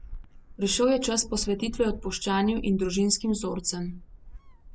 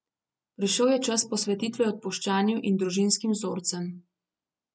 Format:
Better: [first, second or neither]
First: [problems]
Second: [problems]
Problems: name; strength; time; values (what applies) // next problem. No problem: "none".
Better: second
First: background sound (Gull, seagull); 13 dB below the speech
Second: none